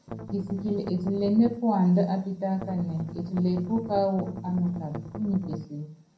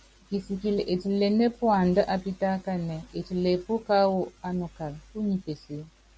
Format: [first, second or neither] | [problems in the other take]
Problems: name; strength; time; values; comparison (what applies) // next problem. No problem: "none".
second | background sound (Strum); 11 dB below the speech // room echo; dies away in 0.6 s